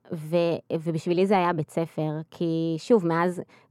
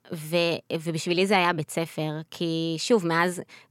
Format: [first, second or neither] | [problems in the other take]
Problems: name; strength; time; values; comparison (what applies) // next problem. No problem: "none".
second | muffled; slightly; fading above 1.5 kHz